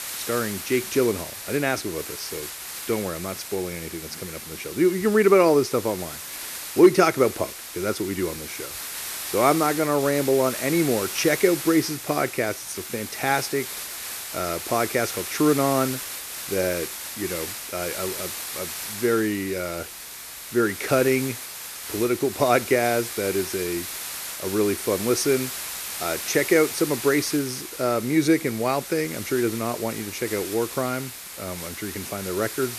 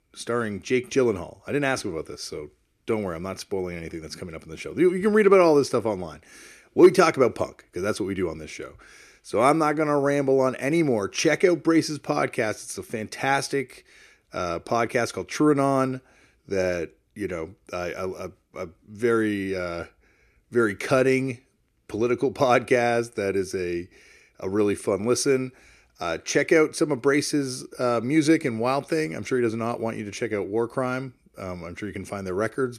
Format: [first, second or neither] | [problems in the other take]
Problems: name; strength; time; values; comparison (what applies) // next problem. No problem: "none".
second | hiss; loud; throughout; 8 dB below the speech